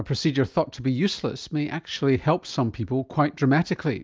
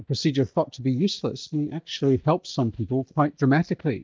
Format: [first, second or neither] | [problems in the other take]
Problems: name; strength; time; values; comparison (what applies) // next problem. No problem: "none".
first | noise reduction (neural mask model DeepFilterNet 3)